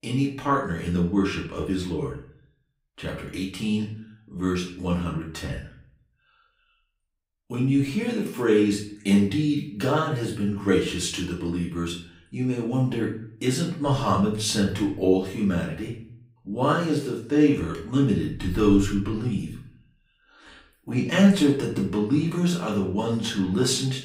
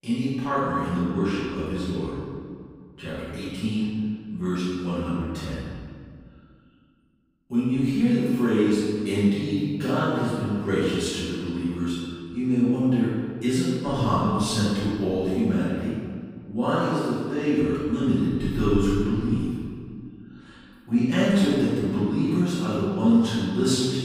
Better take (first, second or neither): first